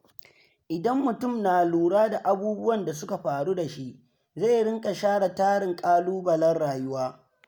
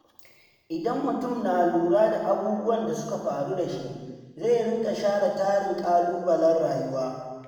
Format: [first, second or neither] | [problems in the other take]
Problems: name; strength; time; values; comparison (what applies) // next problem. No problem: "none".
first | room echo; dies away in 1.5 s